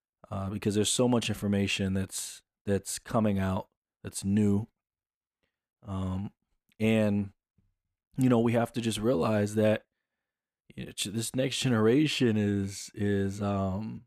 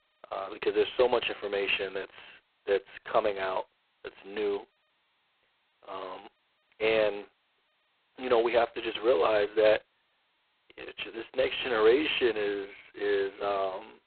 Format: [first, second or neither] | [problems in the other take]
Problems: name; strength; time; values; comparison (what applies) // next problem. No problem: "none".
first | phone-call audio; poor line; nothing above 4 kHz